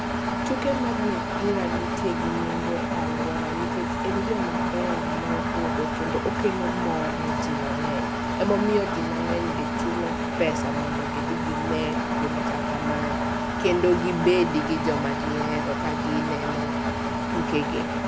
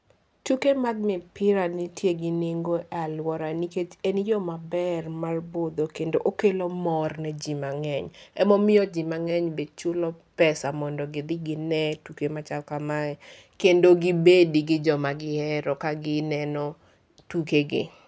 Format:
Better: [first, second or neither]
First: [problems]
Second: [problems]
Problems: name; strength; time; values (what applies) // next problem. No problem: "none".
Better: second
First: background sound (Engine); 3 dB above the speech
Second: none